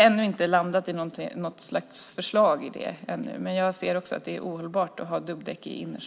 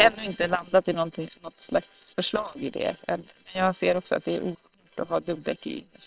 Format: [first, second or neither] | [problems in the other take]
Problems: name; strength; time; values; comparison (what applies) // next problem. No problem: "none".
first | noise reduction (neural separator model SepFormer WHAM!)